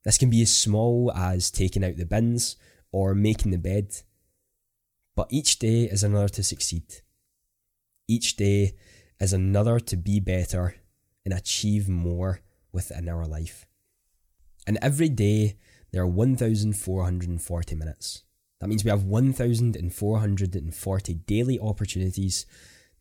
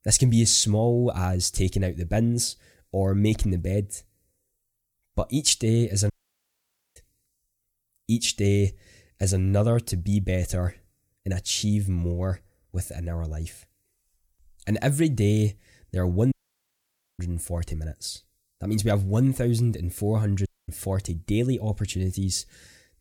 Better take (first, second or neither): first